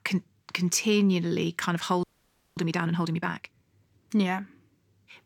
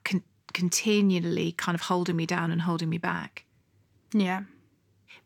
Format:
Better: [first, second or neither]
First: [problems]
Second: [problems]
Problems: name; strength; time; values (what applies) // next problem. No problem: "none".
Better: second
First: audio freezing; at 2 s for 0.5 s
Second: none